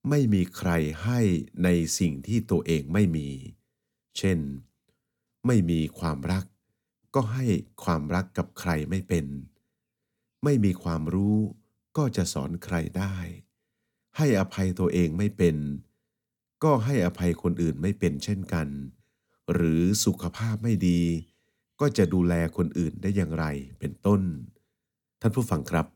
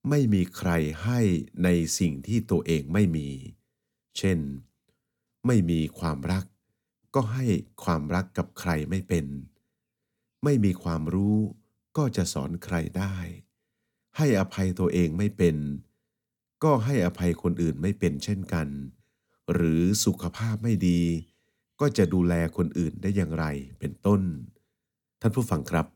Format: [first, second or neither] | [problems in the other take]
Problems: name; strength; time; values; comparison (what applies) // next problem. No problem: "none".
neither | none